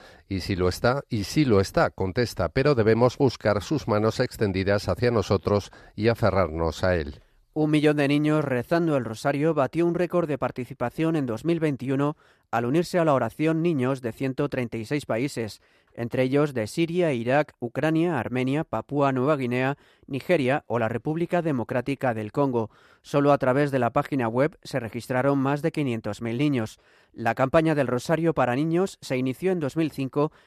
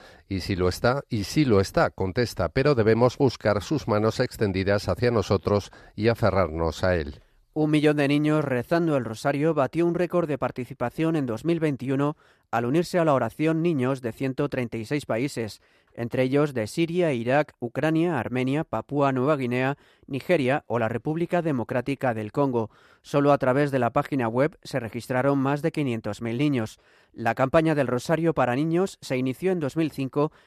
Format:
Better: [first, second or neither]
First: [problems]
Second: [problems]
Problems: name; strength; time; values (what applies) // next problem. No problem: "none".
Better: neither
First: none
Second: none